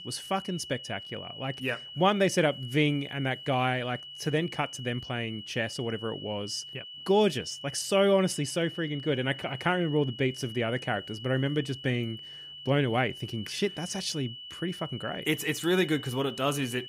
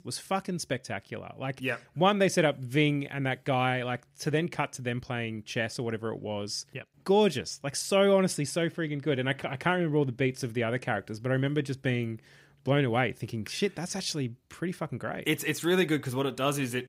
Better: second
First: high-pitched whine; noticeable; throughout; 3 kHz, 10 dB below the speech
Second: none

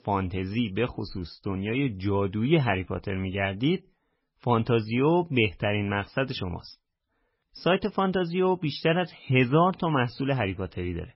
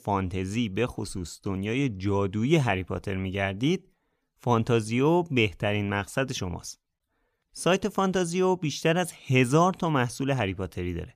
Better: second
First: garbled, watery; badly; nothing above 5.5 kHz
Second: none

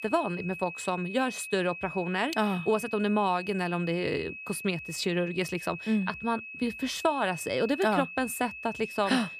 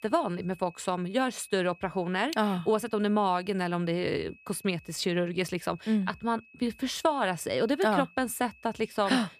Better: second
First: high-pitched whine; loud; throughout; 2.5 kHz, 10 dB below the speech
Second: high-pitched whine; faint; throughout; 2.5 kHz, 25 dB below the speech

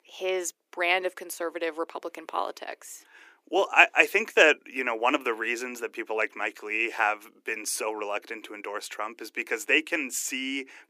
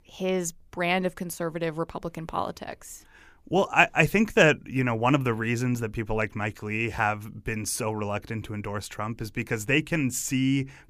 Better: second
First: thin; very; fading below 300 Hz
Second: none

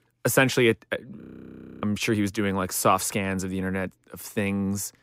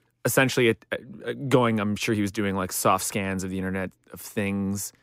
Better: second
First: audio freezing; at 1 s for 0.5 s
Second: none

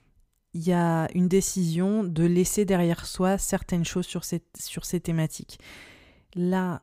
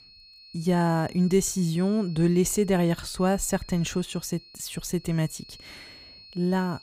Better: first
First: none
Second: high-pitched whine; faint; throughout; 4.5 kHz, 20 dB below the speech

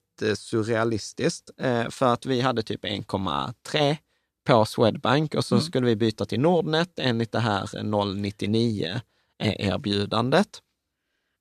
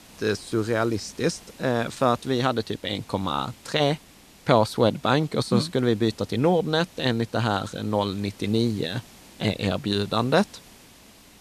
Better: first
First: none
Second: hiss; faint; throughout; 25 dB below the speech

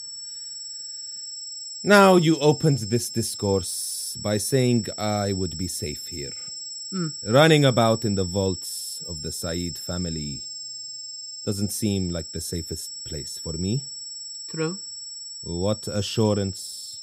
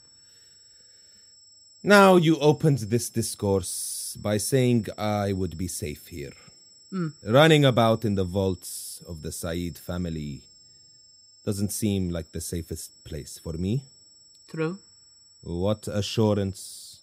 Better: second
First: high-pitched whine; loud; throughout; 5.5 kHz, 9 dB below the speech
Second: high-pitched whine; faint; throughout; 5.5 kHz, 25 dB below the speech

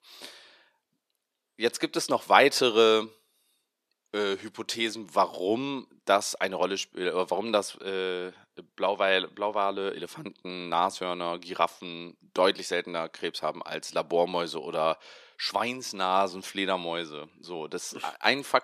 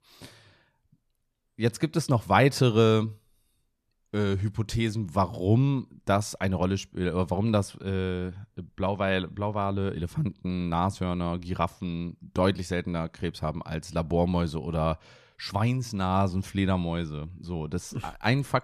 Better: second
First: thin; very; fading below 350 Hz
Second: none

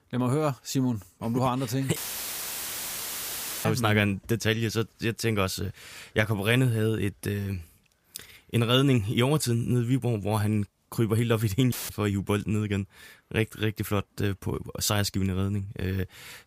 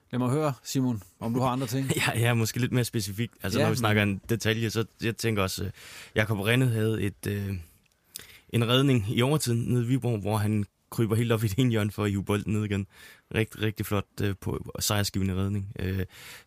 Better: second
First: audio cutting out; filled with static; at 2 s for 1.5 s and at 12 s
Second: none

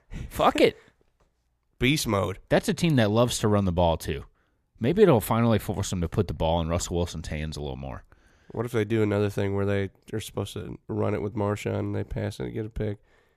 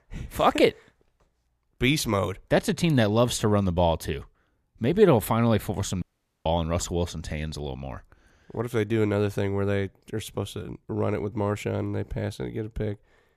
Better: first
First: none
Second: audio cutting out; at 6 s

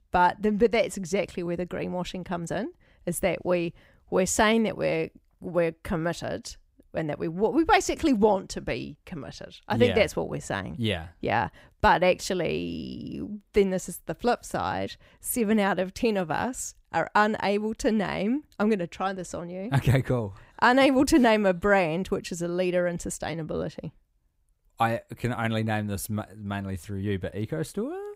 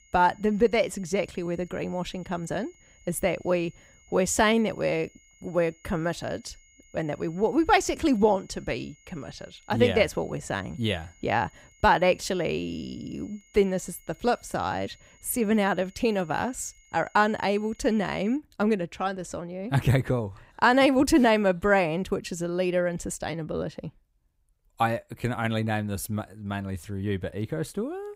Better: first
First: none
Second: high-pitched whine; faint; until 18 s; 2 kHz, 30 dB below the speech

